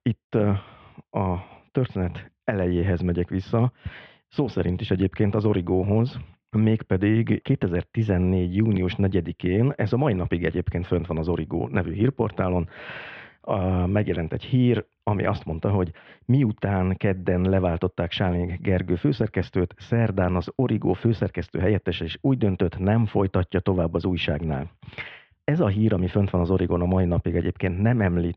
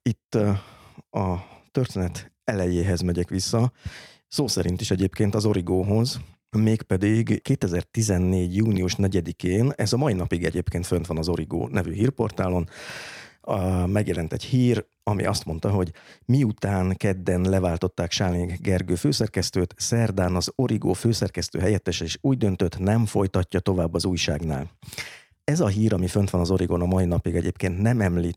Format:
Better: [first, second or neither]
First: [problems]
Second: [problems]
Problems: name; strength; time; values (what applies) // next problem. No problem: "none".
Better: second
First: muffled; very; fading above 3 kHz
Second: none